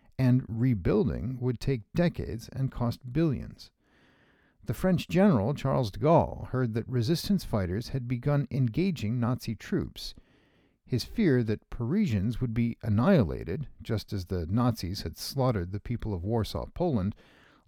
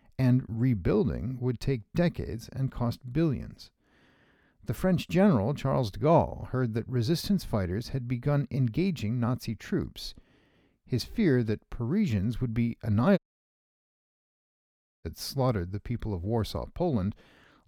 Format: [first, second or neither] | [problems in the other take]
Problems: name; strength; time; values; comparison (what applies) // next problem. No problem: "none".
first | audio cutting out; at 13 s for 2 s